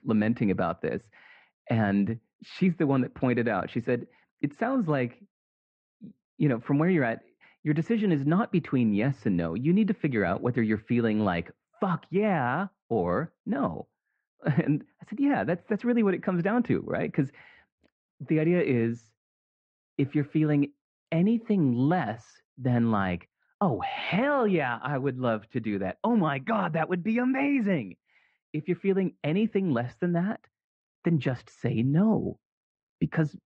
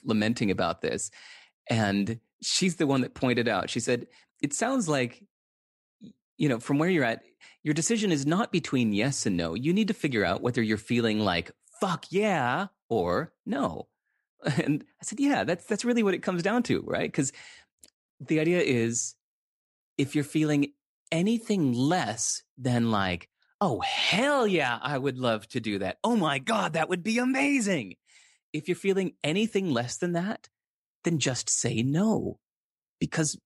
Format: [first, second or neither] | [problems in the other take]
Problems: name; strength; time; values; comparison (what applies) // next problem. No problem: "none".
second | muffled; very; fading above 2 kHz